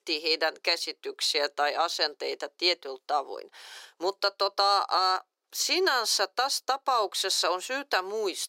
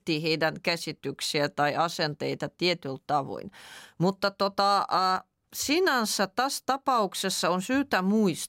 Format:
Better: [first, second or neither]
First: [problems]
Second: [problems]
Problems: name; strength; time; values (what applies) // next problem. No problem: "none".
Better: second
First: thin; very; fading below 350 Hz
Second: none